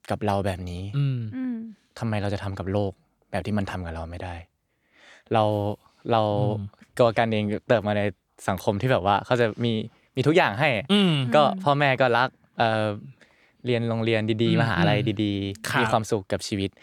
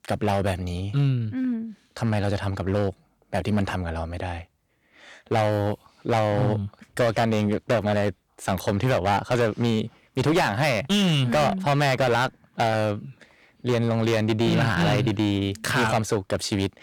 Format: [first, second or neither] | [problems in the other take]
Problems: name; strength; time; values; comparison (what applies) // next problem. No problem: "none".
first | distortion; heavy; 13% of the sound clipped